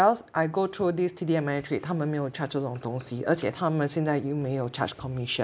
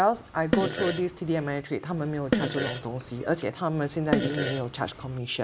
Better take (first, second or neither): first